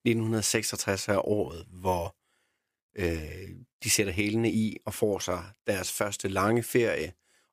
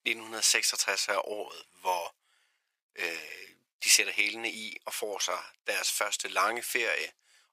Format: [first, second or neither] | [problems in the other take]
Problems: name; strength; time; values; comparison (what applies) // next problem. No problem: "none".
first | thin; very; fading below 850 Hz